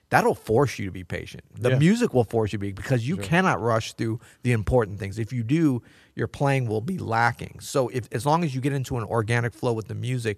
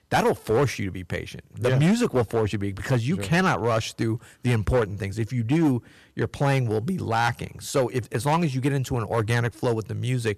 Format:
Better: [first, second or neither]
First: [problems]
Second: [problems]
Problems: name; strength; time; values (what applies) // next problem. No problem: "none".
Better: first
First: none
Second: distortion; slight; 6% of the sound clipped